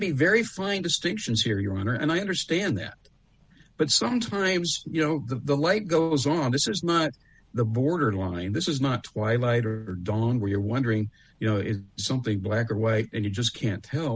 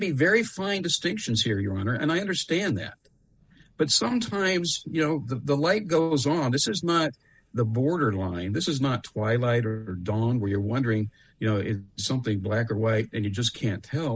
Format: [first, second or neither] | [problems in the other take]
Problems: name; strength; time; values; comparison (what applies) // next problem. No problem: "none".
first | noise reduction (neural mask model Resemble Enhance denoiser)